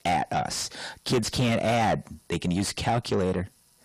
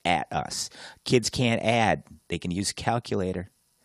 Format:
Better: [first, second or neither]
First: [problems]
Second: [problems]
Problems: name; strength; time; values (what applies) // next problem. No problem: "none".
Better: second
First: distortion; heavy; 6 dB below the speech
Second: none